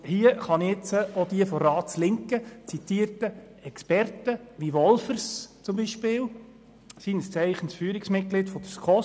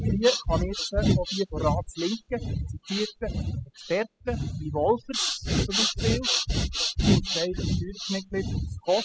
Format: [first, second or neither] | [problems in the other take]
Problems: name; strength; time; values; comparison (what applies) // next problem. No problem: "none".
first | noise reduction (classical method spectral subtraction)